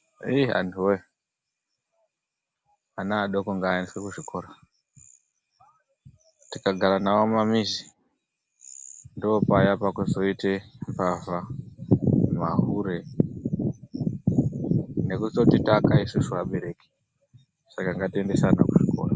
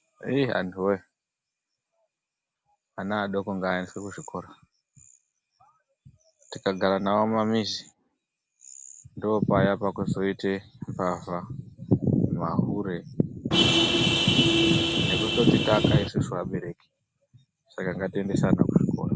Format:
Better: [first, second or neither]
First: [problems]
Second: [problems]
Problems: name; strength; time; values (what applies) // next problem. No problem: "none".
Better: first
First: none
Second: background sound (Vehicle horn, car horn, honking); 4 dB above the speech